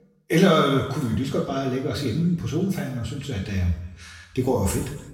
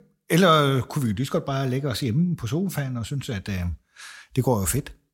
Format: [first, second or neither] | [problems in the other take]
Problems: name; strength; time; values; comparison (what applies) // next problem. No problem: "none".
second | room echo; noticeable; dies away in 0.9 s // off-mic speech; far